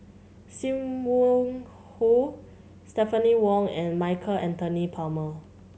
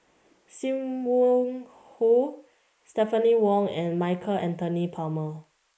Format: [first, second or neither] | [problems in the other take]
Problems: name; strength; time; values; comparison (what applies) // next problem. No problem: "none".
first | noise reduction (neural mask model Resemble Enhance denoiser)